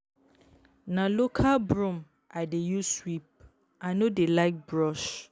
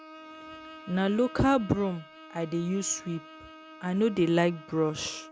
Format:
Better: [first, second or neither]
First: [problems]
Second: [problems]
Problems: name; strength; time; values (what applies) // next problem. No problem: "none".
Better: first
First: none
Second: background sound (Bowed string instrument); 18 dB below the speech